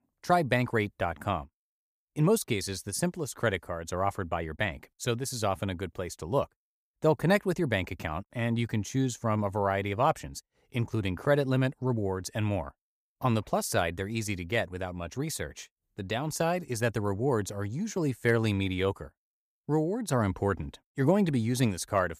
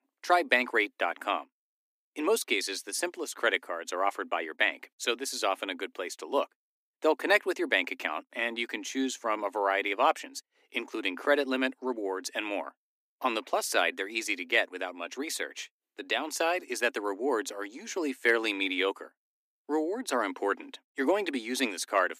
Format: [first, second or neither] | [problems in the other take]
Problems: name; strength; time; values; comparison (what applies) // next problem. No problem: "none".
first | thin; somewhat; fading below 250 Hz